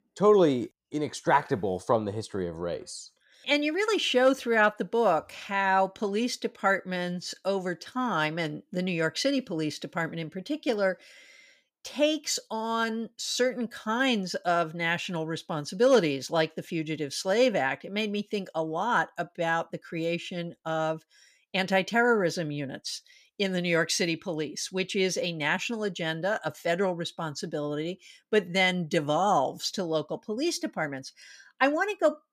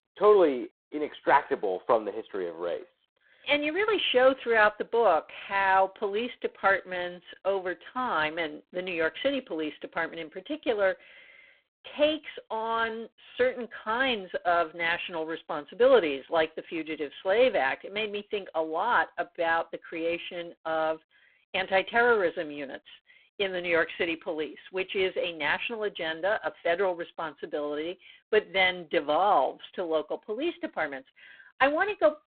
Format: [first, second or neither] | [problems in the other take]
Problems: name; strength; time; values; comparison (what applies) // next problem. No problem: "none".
first | phone-call audio; poor line